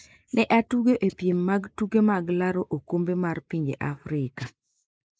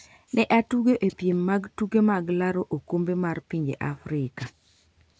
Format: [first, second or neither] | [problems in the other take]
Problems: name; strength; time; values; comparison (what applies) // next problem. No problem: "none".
second | noise reduction (neural mask model Resemble Enhance denoiser)